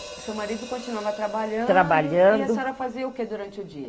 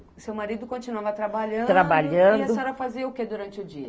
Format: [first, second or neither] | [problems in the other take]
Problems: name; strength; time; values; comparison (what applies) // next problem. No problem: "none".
second | background sound (Hi-hat); 20 dB below the speech